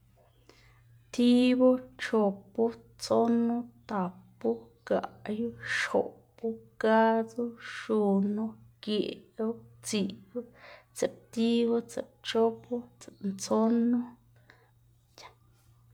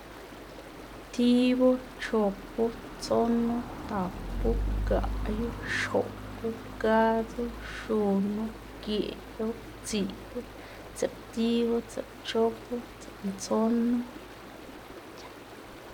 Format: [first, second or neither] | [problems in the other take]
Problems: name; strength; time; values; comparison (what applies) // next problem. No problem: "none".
first | background sound (Stream); 9 dB below the speech